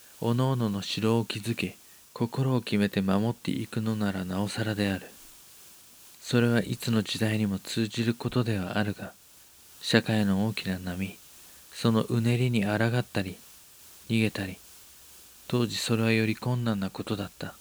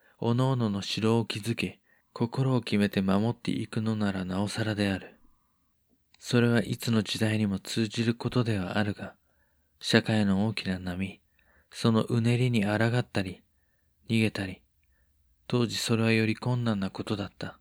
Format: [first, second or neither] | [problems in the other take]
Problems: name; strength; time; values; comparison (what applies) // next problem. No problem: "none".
second | hiss; faint; throughout; 20 dB below the speech